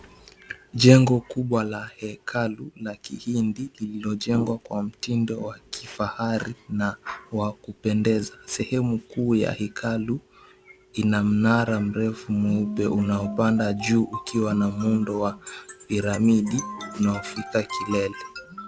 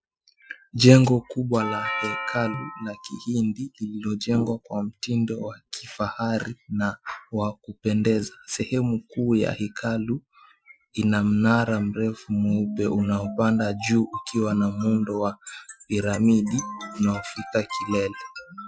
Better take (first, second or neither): first